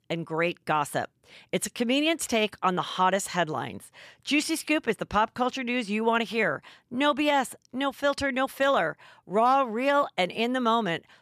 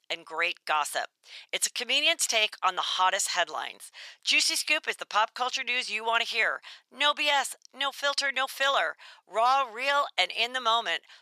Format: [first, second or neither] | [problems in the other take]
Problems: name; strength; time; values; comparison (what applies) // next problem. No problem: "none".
first | thin; very; fading below 850 Hz